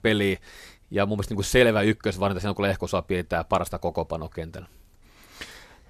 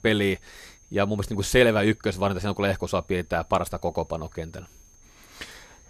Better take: first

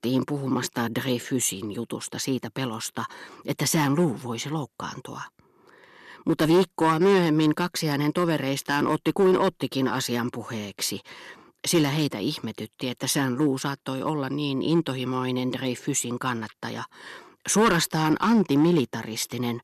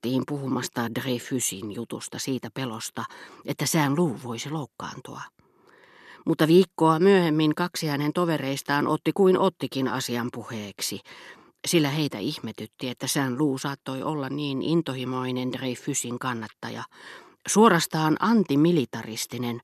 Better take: second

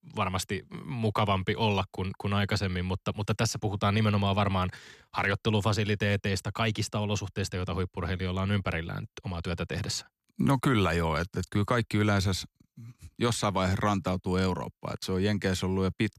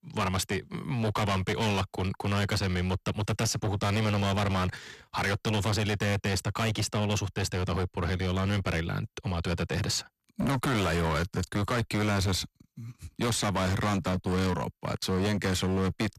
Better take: first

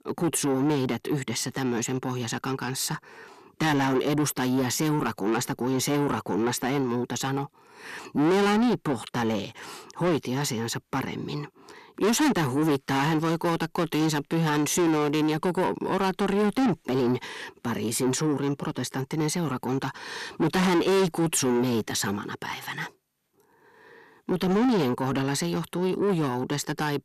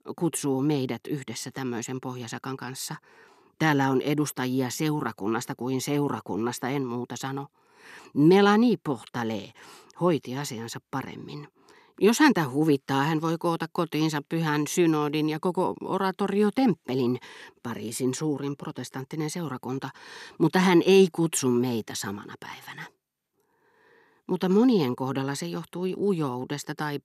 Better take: second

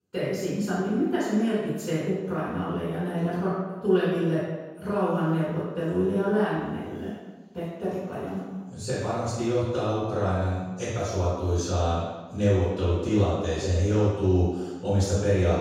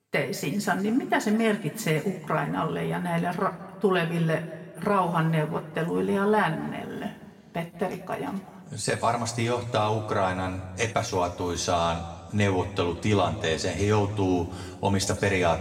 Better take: second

